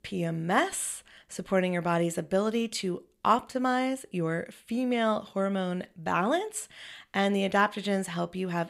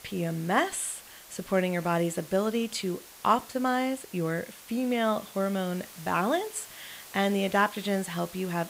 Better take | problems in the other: first | hiss; noticeable; throughout; 15 dB below the speech

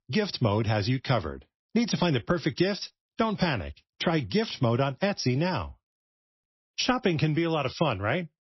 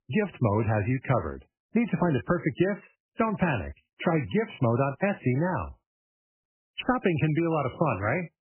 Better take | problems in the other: first | garbled, watery; badly; nothing above 3 kHz; slightly in the first

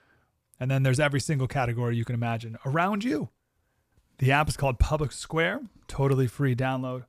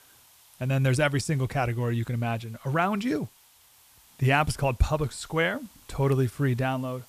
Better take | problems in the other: first | hiss; faint; throughout; 25 dB below the speech

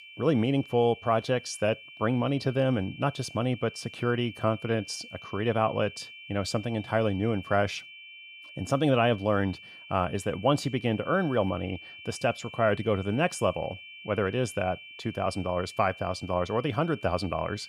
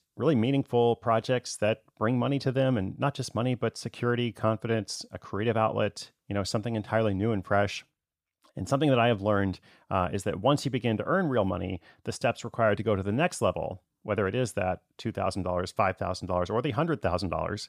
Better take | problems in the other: second | high-pitched whine; noticeable; throughout; 2.5 kHz, 15 dB below the speech

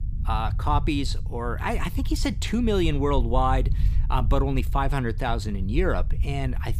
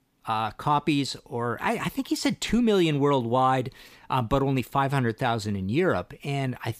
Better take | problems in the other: second | low rumble; noticeable; throughout; 20 dB below the speech

